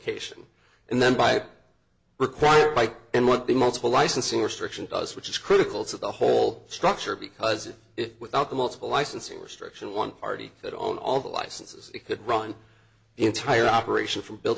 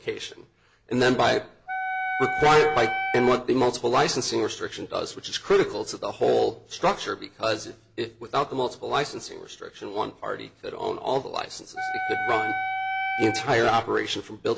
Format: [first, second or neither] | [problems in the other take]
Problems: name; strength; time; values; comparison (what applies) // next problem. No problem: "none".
first | background sound (Wind instrument, woodwind instrument); 3 dB below the speech